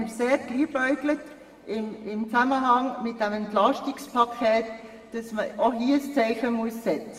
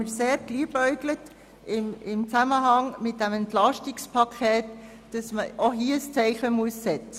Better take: second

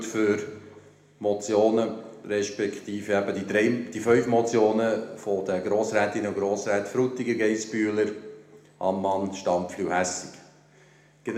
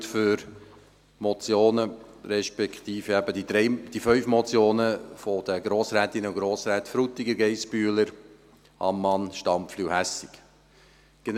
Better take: second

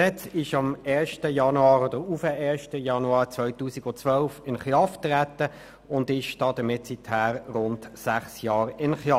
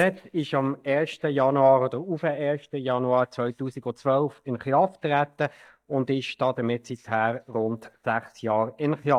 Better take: first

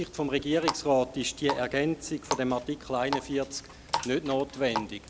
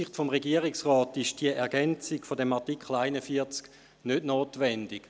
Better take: second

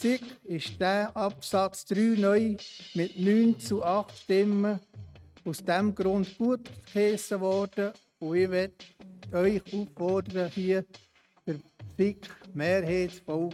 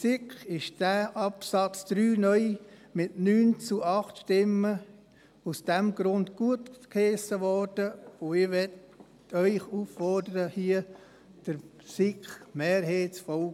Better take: second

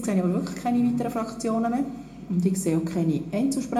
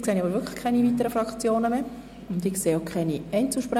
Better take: second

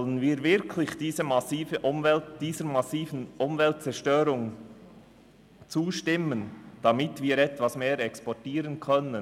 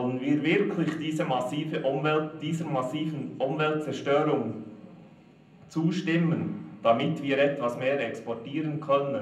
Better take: first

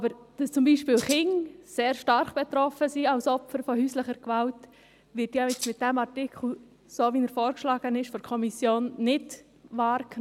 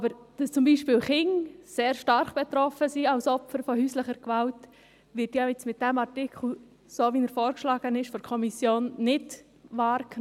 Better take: second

